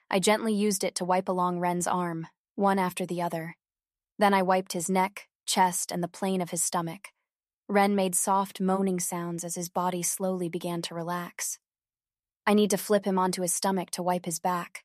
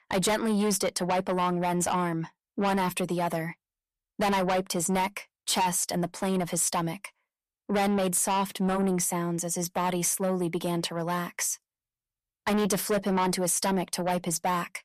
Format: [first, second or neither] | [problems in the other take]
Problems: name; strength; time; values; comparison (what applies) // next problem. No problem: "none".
first | distortion; heavy; 7 dB below the speech